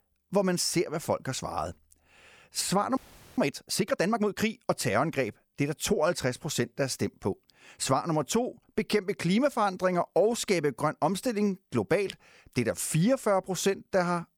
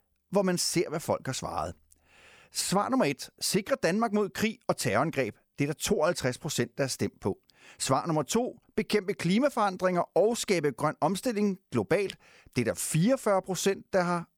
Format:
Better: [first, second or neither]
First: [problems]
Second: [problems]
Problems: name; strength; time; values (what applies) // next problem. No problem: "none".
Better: second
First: audio freezing; at 3 s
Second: none